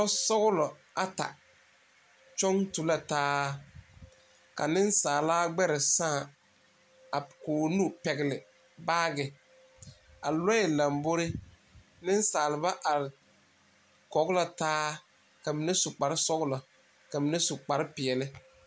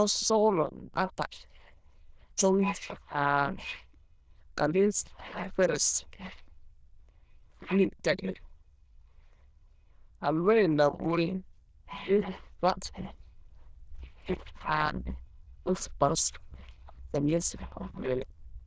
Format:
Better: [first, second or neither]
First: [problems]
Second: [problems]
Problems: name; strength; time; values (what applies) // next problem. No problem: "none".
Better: first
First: none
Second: noise reduction (neural diffusion model UNIVERSE++)